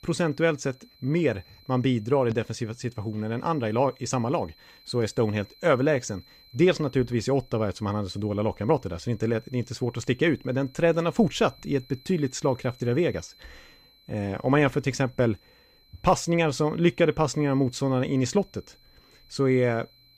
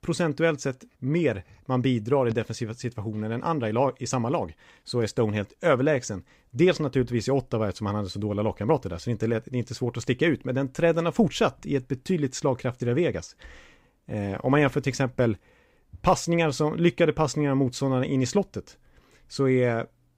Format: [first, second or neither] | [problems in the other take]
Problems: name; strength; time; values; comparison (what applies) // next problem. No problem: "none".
second | high-pitched whine; faint; throughout; 4 kHz, 30 dB below the speech